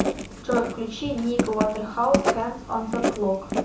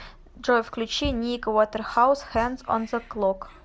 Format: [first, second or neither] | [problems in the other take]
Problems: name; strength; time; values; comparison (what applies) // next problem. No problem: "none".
second | background sound (Writing); 1 dB below the speech // room echo; dies away in 0.6 s